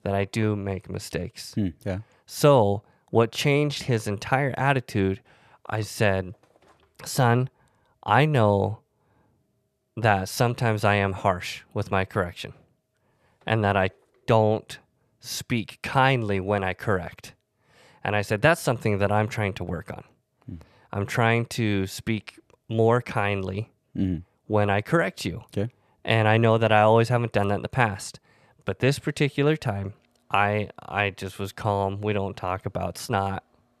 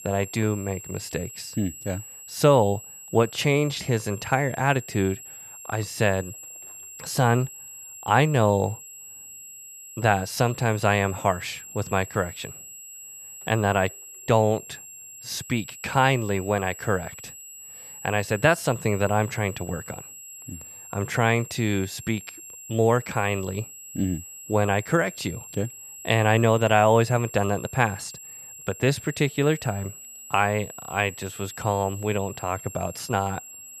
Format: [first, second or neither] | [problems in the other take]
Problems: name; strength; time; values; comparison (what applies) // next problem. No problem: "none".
first | high-pitched whine; noticeable; throughout; 7.5 kHz, 15 dB below the speech